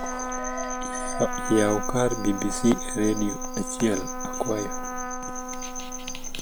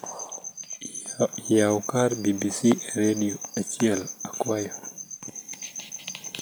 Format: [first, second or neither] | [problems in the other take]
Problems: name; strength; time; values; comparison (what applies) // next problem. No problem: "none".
second | background sound (Alarm + Trumpet); 4 dB below the speech